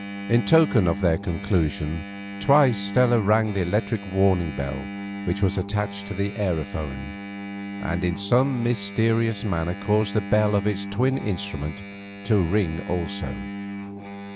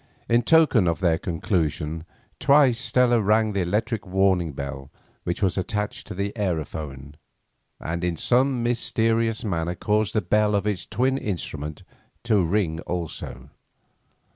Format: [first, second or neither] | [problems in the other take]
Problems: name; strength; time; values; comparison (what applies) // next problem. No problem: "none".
second | background sound (Engine); 10 dB below the speech